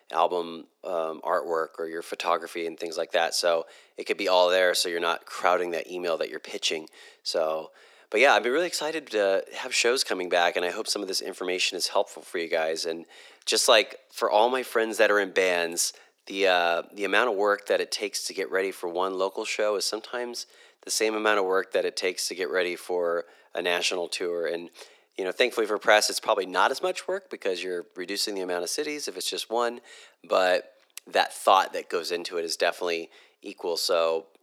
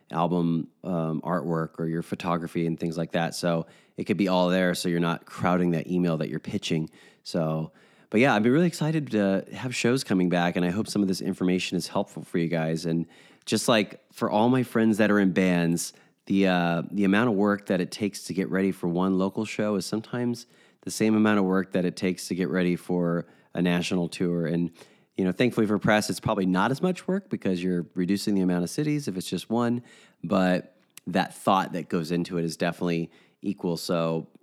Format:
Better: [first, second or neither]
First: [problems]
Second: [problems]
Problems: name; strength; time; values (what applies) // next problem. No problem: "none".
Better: second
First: thin; very; fading below 450 Hz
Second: none